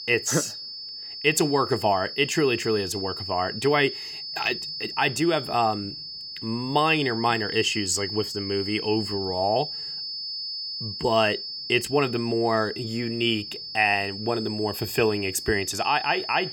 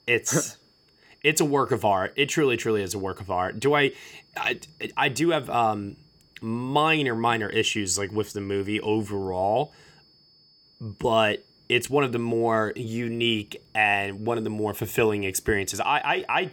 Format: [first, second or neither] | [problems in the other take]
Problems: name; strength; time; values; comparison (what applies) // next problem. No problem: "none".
second | high-pitched whine; loud; throughout; 5 kHz, 7 dB below the speech; faint in the second